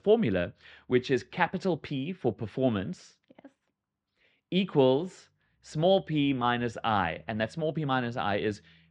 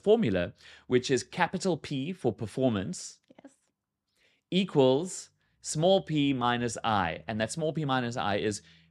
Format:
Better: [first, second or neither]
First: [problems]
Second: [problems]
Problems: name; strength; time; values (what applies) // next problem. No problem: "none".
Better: second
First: muffled; slightly; fading above 3 kHz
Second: none